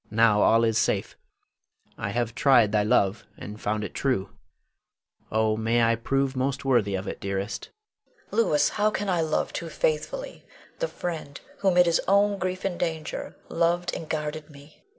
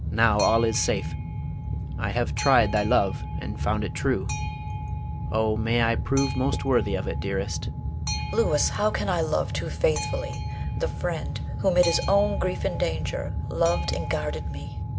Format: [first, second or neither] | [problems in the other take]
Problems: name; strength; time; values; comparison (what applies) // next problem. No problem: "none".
first | background sound (Boat, Water vehicle); 3 dB below the speech